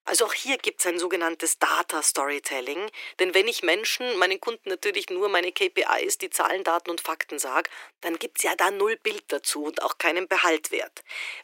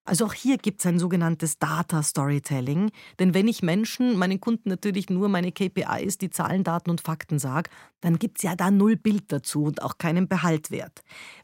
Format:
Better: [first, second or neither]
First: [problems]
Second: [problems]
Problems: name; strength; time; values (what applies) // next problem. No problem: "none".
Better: second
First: thin; very; fading below 350 Hz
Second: none